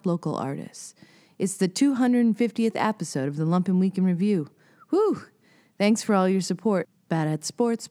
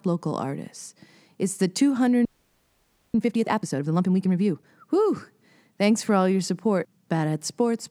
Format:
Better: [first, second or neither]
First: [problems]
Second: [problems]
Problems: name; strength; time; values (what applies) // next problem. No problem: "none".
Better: first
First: none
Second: audio freezing; at 2.5 s for 1 s